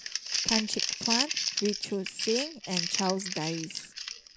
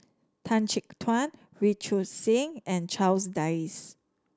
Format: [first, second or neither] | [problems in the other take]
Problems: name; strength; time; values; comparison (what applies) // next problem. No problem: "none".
second | background sound (Crumpling, crinkling); 1 dB above the speech